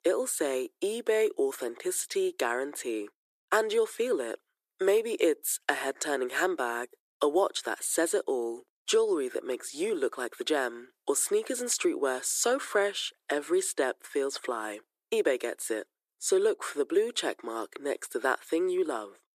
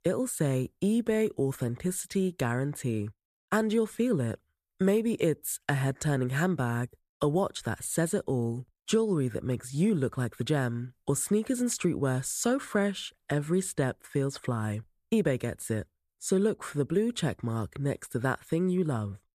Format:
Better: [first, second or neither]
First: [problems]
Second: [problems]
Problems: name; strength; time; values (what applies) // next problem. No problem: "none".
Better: second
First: thin; very; fading below 350 Hz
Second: none